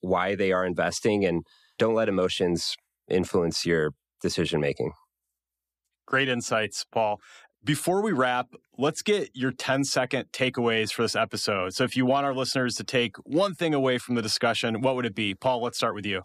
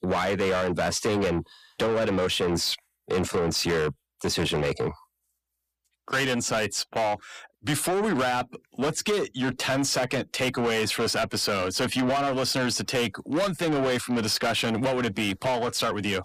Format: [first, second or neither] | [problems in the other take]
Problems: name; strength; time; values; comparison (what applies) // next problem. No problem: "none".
first | distortion; heavy; 7 dB below the speech